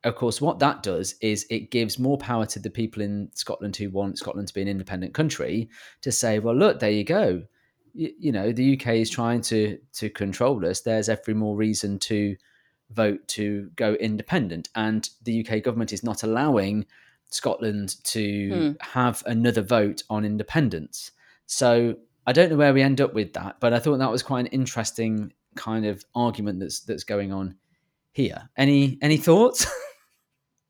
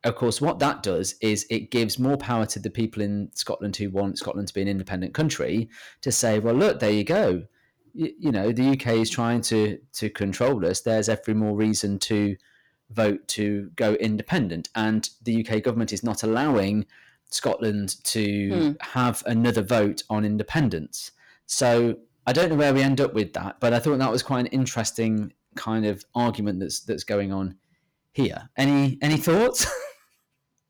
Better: first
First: none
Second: distortion; slight; 6% of the sound clipped

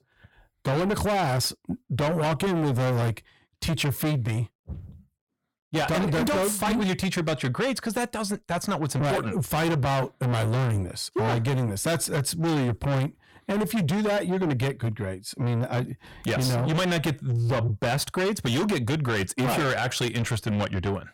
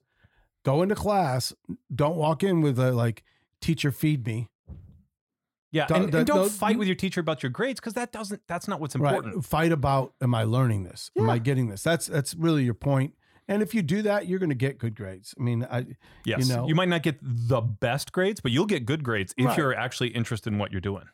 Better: second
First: distortion; heavy; 6 dB below the speech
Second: none

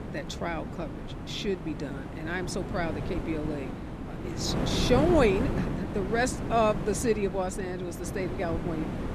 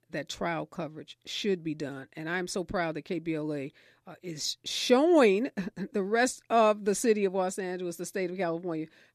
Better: second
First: wind noise on the microphone; heavy; 8 dB below the speech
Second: none

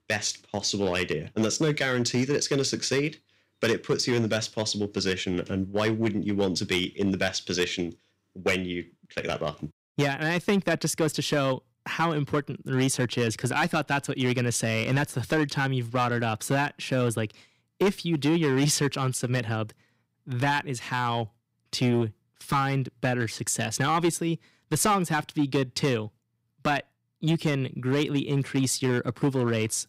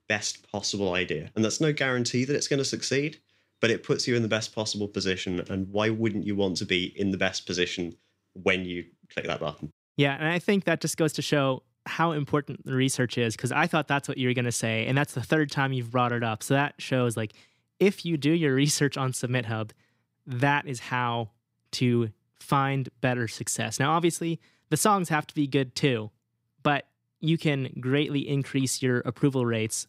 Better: second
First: distortion; slight; 5% of the sound clipped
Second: none

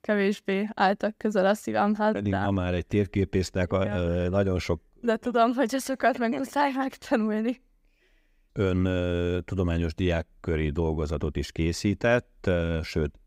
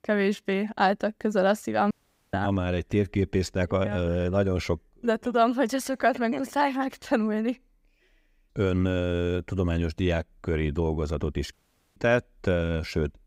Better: first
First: none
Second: audio cutting out; at 2 s and at 12 s

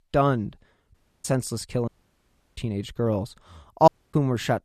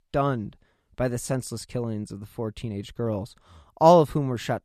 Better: second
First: audio cutting out; at 1 s, at 2 s for 0.5 s and at 4 s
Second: none

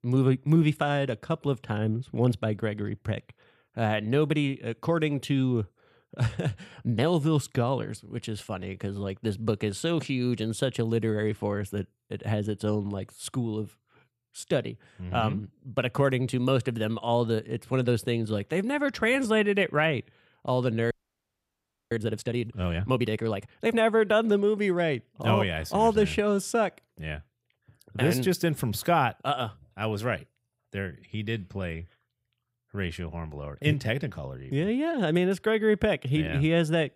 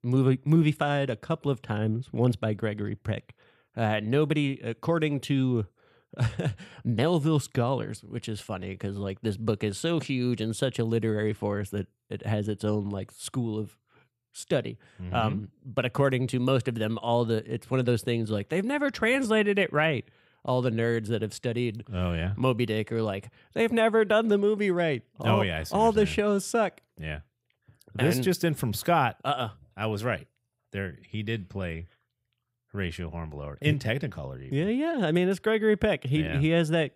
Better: second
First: audio freezing; at 21 s for 1 s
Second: none

